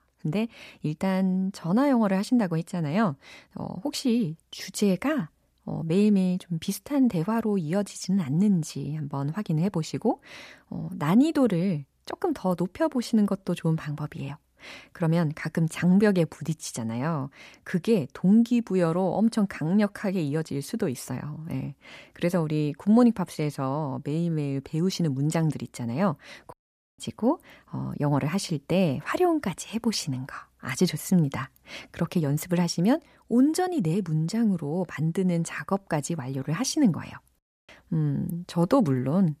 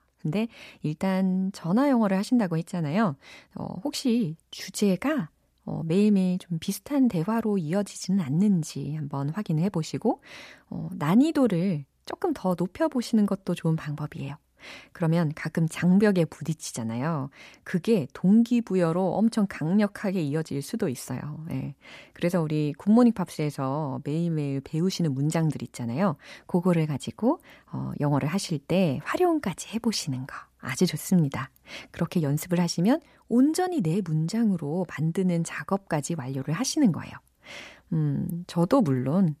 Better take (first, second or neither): second